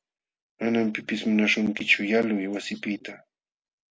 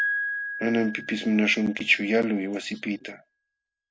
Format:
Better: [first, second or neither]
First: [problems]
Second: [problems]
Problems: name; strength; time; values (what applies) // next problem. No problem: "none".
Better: first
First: none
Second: background sound (Piano); 8 dB below the speech